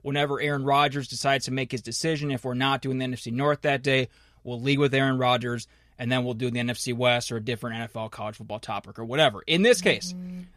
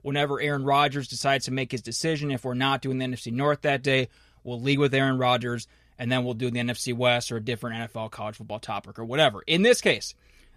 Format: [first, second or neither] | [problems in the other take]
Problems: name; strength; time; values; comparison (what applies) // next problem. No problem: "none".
second | phone ringing; faint; at 10 s; peak 10 dB below the speech